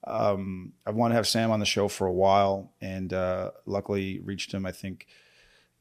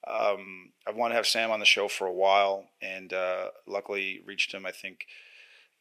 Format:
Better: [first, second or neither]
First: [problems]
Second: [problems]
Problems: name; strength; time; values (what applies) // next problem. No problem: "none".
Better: first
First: none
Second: thin; very; fading below 500 Hz